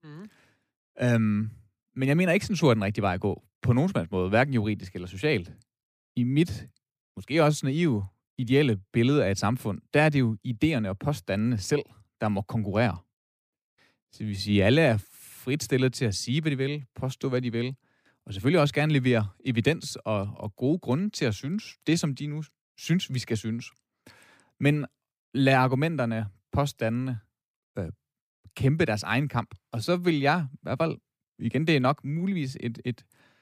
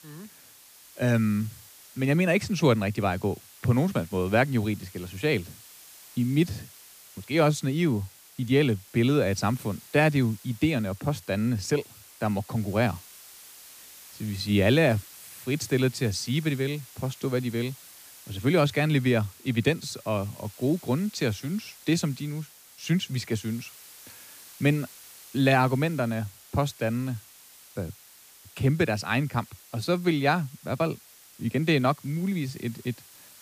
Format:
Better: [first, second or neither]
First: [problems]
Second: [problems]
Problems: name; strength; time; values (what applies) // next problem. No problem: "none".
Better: first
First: none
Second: hiss; faint; throughout; 20 dB below the speech